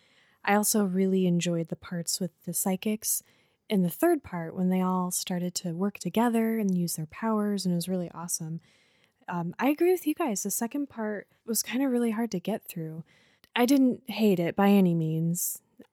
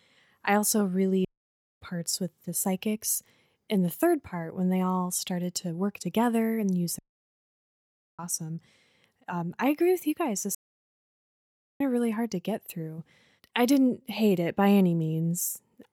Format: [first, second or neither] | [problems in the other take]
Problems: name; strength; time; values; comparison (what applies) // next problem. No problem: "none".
first | audio cutting out; at 1.5 s for 0.5 s, at 7 s for 1 s and at 11 s for 1.5 s